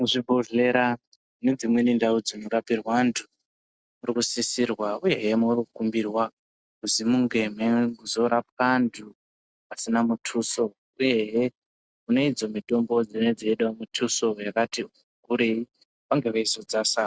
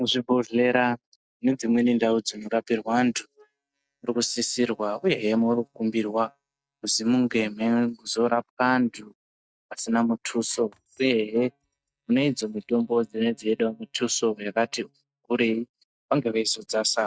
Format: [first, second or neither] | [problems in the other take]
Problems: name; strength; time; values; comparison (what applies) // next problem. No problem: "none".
first | noise reduction (neural mask model DeepFilterNet 3)